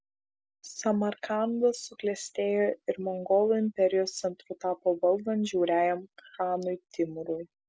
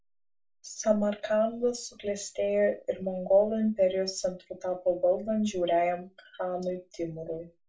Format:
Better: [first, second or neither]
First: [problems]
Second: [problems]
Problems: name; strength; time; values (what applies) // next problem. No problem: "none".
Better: first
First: none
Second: room echo; dies away in 0.2 s